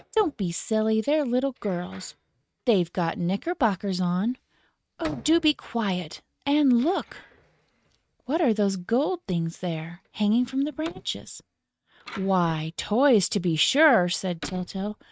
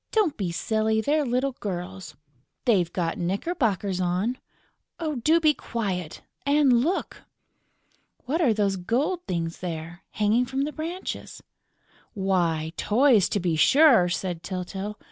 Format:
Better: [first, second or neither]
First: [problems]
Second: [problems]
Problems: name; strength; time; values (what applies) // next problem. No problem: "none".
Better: second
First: noise reduction (neural mask model RNNoise)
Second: none